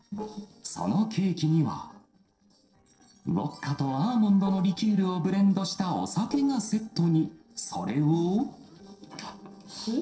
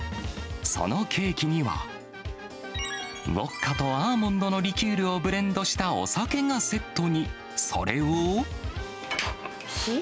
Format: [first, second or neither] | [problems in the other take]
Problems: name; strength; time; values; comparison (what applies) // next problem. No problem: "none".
second | noise reduction (neural separator model SepFormer DNS4)